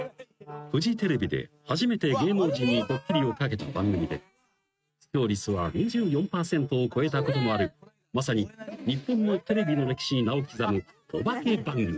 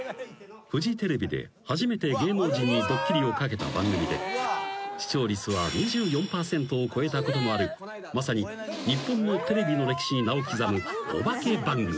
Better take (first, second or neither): second